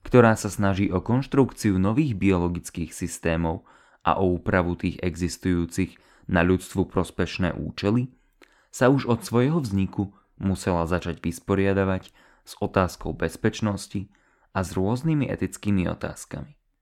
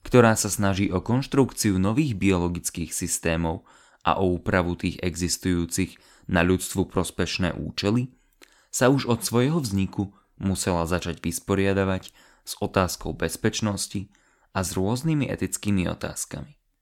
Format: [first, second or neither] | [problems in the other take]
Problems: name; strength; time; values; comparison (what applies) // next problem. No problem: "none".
second | muffled; slightly; fading above 3 kHz